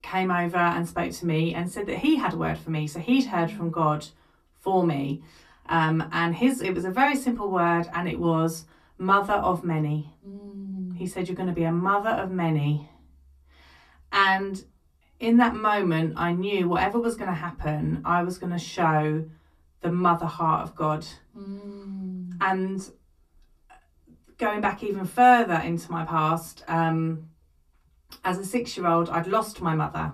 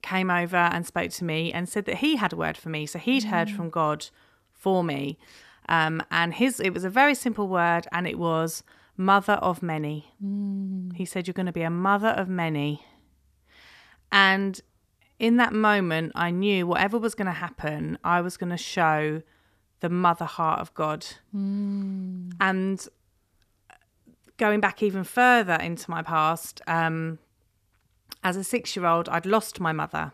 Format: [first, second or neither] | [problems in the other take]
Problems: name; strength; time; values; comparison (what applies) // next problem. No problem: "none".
second | off-mic speech; far // room echo; very slight; dies away in 0.2 s